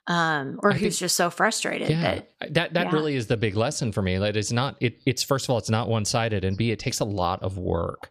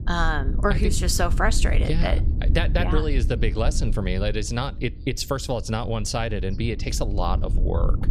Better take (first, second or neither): first